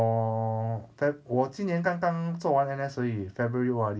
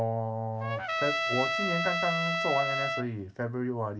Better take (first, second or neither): first